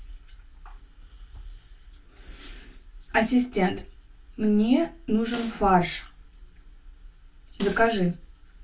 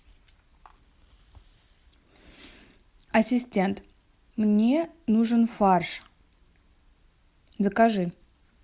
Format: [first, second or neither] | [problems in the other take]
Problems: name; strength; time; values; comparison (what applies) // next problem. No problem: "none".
second | background sound (Snare drum); 18 dB below the speech // room echo; dies away in 0.2 s